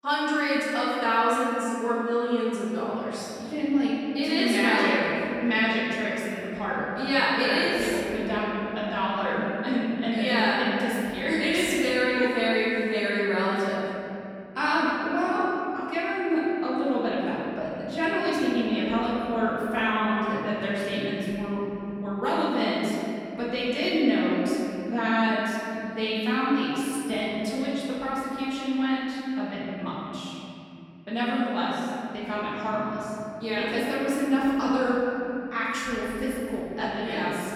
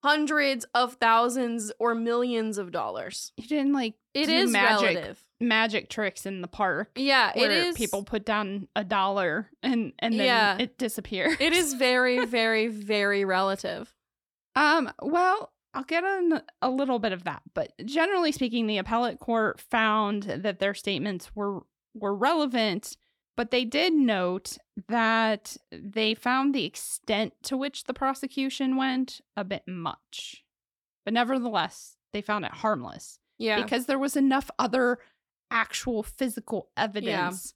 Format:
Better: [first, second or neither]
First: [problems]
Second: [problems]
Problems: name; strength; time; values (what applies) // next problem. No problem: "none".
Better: second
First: room echo; strong; dies away in 3 s // off-mic speech; far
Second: none